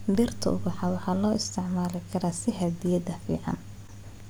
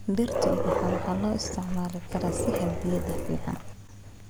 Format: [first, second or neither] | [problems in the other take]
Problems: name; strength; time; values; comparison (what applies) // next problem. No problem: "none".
first | background sound (Dog); as loud as the speech